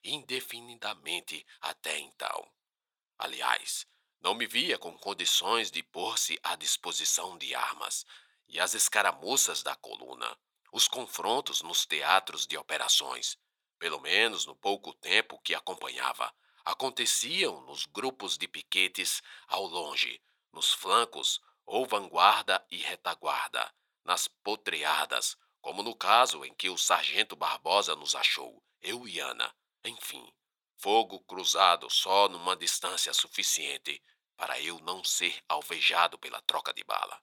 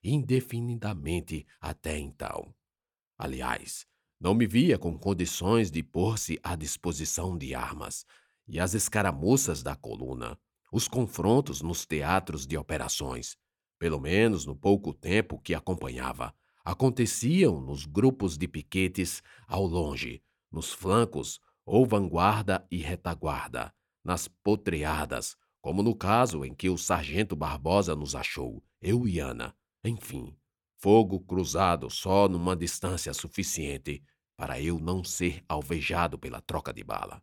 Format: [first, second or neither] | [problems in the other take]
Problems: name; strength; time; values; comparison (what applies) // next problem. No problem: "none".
second | thin; very; fading below 900 Hz